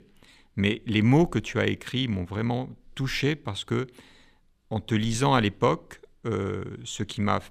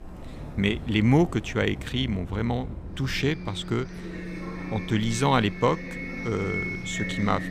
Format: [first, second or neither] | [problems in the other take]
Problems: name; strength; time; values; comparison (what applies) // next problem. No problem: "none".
first | traffic noise; loud; throughout; 9 dB below the speech